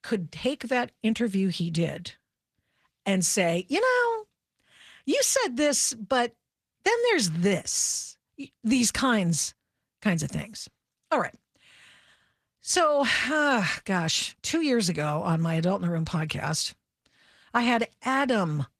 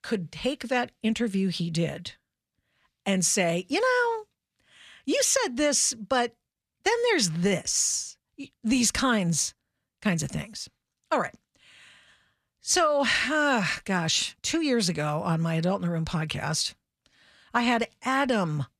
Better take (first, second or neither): second